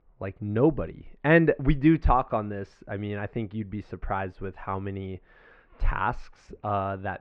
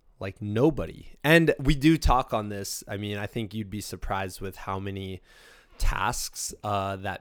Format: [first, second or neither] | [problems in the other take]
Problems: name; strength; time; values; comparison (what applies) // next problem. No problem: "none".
second | muffled; very; fading above 2 kHz